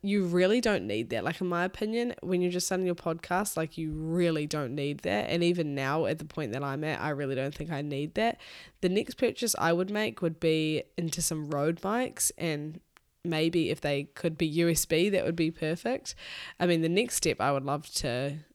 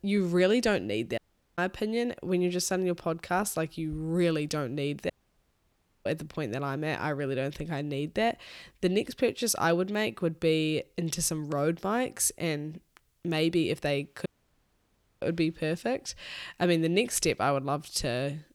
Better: first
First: none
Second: audio cutting out; at 1 s, at 5 s for 1 s and at 14 s for 1 s

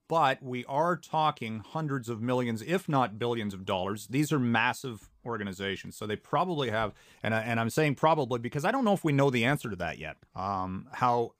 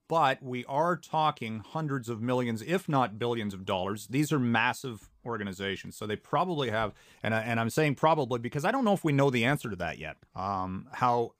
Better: neither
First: none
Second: none

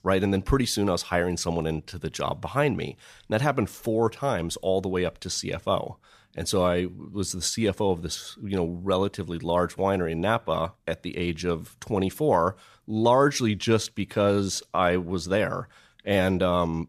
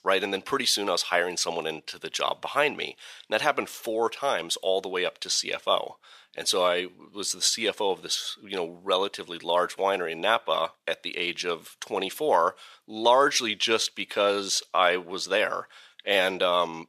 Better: first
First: none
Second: thin; somewhat; fading below 500 Hz

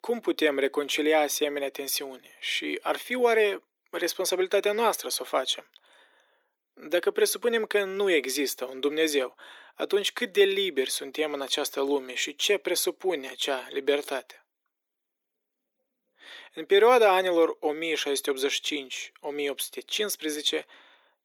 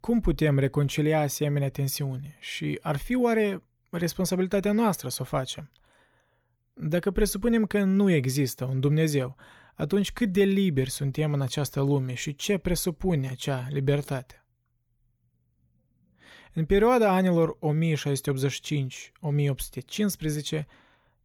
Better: second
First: thin; very; fading below 300 Hz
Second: none

